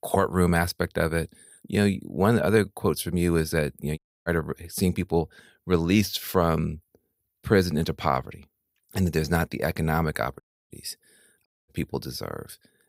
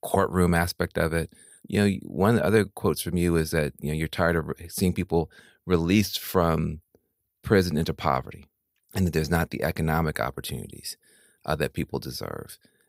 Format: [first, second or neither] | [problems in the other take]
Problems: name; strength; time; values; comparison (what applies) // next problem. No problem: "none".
second | audio cutting out; at 4 s, at 10 s and at 11 s